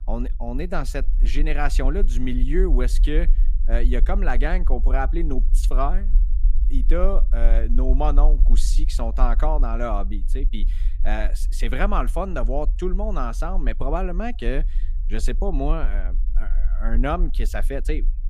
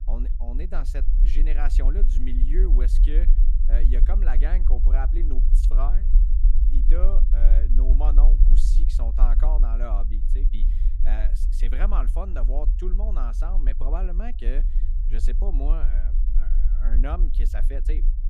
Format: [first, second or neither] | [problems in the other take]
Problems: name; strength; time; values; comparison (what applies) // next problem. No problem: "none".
first | low rumble; loud; throughout; 9 dB below the speech; faint in the first